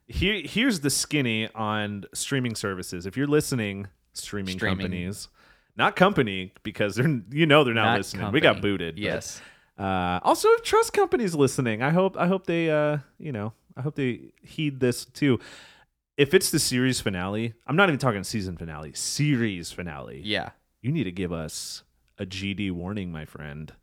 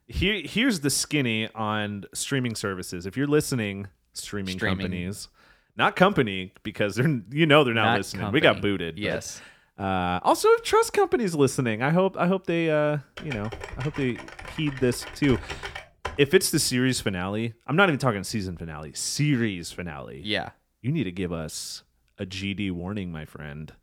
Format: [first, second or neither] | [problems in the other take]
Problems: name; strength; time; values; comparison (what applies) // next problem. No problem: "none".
first | keyboard typing; faint; from 13 to 16 s; peak 10 dB below the speech